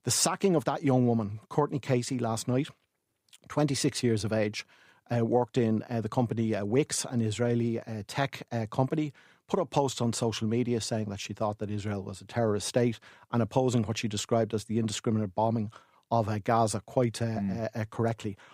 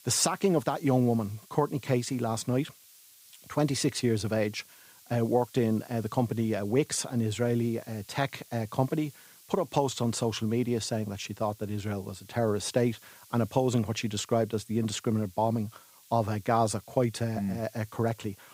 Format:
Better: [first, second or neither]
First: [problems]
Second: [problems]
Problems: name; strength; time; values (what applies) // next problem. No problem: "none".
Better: first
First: none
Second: hiss; faint; throughout; 25 dB below the speech